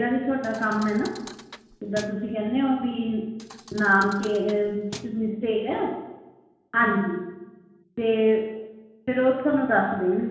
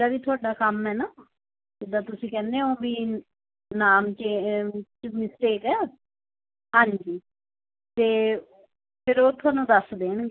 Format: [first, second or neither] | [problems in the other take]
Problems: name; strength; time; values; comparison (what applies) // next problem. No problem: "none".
second | background sound (Thump, thud); 18 dB below the speech // room echo; dies away in 1.1 s